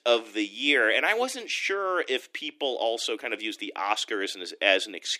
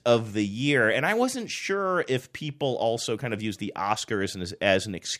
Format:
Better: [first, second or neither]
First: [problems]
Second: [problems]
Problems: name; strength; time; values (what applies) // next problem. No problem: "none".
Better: second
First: thin; somewhat; fading below 300 Hz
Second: none